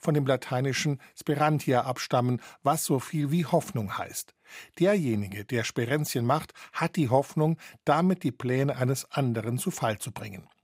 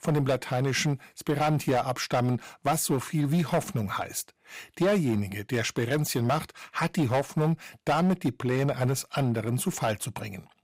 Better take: first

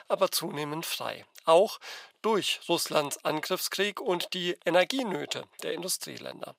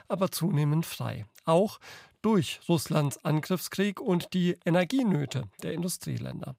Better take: second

